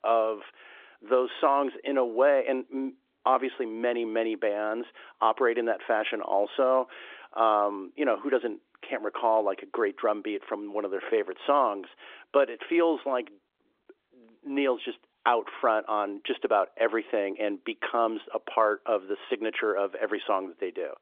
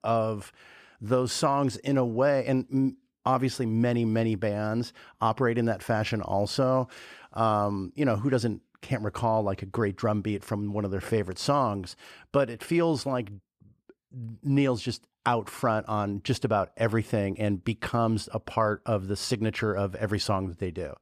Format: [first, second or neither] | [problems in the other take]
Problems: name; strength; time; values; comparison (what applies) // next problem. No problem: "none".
second | phone-call audio; nothing above 3.5 kHz